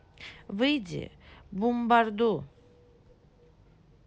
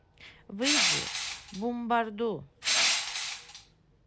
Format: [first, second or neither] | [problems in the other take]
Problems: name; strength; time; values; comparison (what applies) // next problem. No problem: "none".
first | background sound (Crushing); 4 dB above the speech